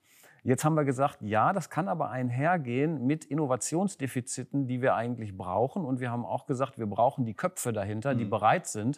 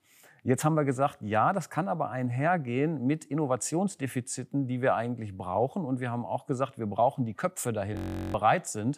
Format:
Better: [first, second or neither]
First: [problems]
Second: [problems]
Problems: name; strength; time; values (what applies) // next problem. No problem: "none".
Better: first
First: none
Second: audio freezing; at 8 s